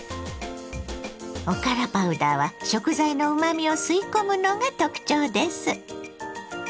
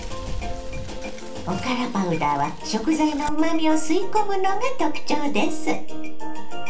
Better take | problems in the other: first | background sound (Mechanisms / Bicycle); 2 dB above the speech // room echo; dies away in 0.3 s

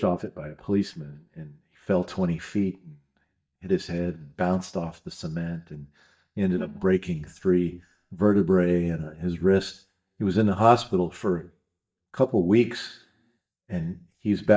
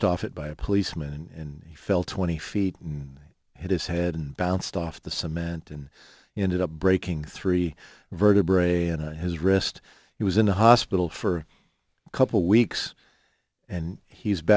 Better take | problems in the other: second | noise reduction (neural mask model DeepFilterNet 3)

